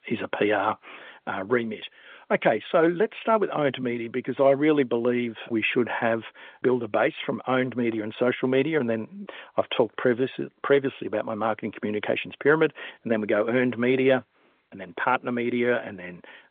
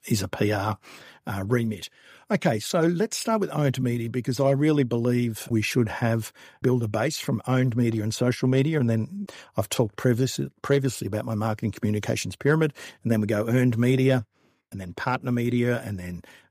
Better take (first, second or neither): second